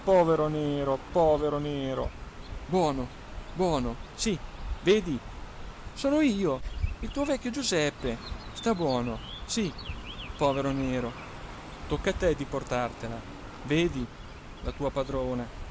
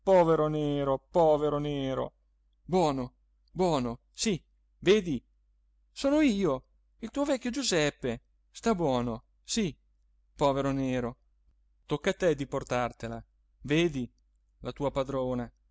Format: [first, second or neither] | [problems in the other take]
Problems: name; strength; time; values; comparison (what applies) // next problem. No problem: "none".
second | background sound (Chirp, tweet); 10 dB below the speech